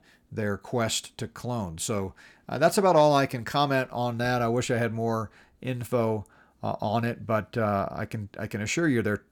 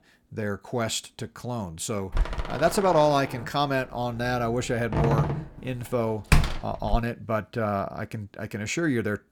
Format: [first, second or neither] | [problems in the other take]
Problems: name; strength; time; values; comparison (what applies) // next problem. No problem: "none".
first | door banging; loud; from 2 to 7 s; peak 4 dB above the speech